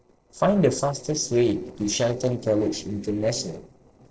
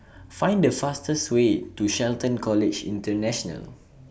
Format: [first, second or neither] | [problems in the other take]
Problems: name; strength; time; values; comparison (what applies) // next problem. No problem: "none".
second | noise reduction (neural separator model SepFormer DNS4)